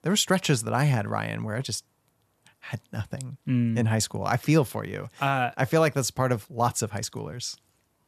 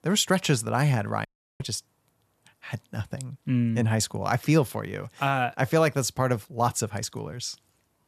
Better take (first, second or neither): first